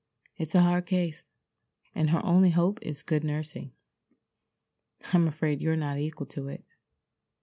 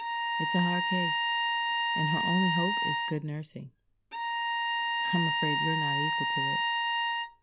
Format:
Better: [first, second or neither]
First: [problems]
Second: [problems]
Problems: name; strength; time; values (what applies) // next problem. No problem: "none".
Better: first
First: none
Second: background sound (Bowed string instrument); 5 dB above the speech